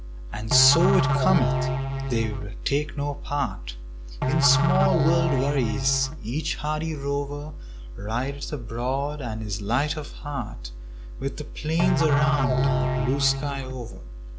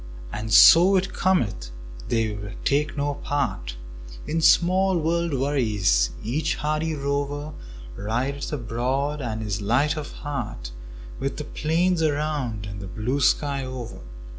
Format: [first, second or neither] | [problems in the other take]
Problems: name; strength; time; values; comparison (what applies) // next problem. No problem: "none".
second | background sound (Musical instrument); 1 dB above the speech